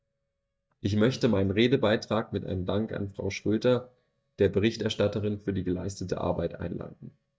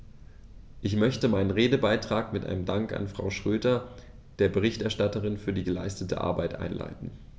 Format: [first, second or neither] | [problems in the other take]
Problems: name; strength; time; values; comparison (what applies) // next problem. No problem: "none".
second | noise reduction (neural mask model DeepFilterNet 3)